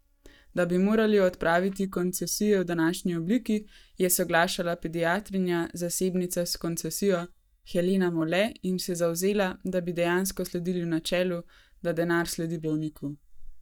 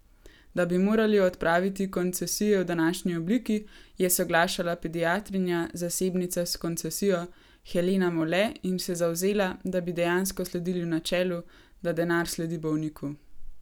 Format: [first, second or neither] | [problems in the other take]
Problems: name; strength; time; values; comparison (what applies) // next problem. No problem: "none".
second | noise reduction (neural mask model DeepFilterNet 3)